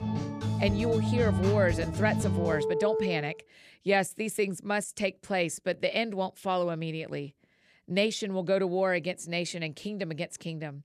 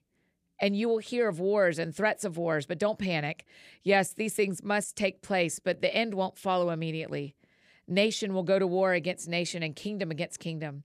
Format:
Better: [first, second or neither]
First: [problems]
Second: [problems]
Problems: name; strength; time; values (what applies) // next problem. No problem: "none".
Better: second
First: background music; very loud; until 3 s; as loud as the speech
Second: none